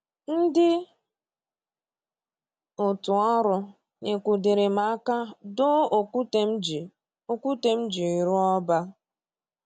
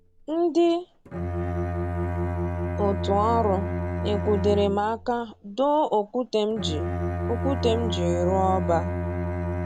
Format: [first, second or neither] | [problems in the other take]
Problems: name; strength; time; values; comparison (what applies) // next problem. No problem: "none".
first | background sound (Bowed string instrument); 3 dB below the speech